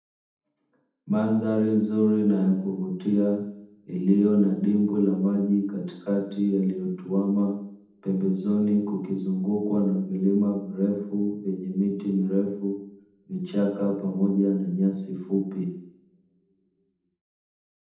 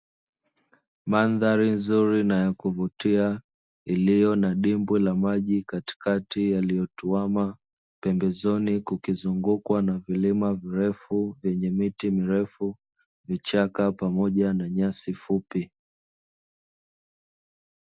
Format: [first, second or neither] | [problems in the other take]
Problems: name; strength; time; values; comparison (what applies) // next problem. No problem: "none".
second | room echo; dies away in 0.8 s